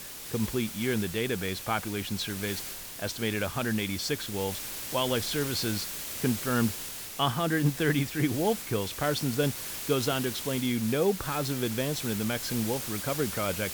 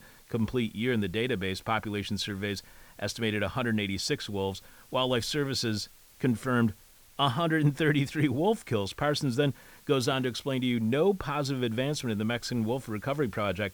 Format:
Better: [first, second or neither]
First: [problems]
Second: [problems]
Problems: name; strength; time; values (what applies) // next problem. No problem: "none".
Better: second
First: hiss; loud; throughout; 6 dB below the speech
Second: hiss; faint; throughout; 25 dB below the speech